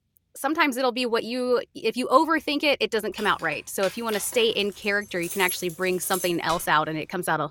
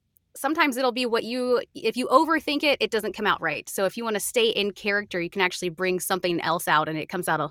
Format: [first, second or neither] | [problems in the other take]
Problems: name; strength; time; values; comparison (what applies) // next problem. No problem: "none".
second | jangling keys; noticeable; from 3 to 6.5 s; peak 6 dB below the speech